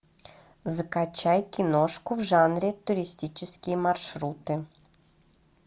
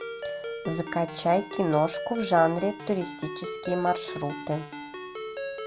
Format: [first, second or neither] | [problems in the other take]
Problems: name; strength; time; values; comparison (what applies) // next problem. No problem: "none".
first | background sound (Ringtone); 8 dB below the speech